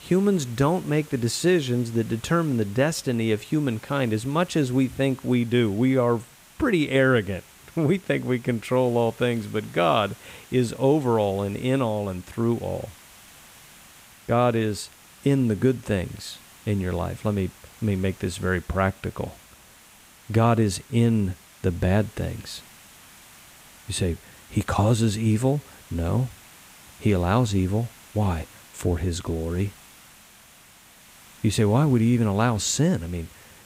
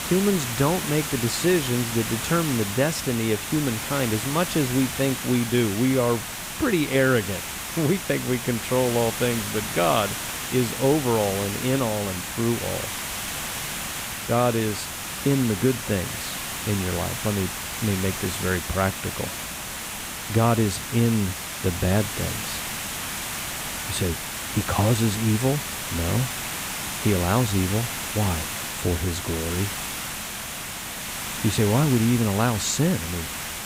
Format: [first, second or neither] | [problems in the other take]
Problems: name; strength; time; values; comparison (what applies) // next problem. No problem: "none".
first | hiss; loud; throughout; 4 dB below the speech; faint in the first